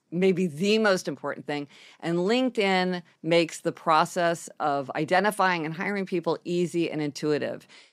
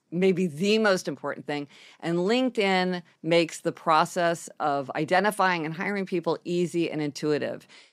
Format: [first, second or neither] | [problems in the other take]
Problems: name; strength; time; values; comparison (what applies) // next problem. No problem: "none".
neither | none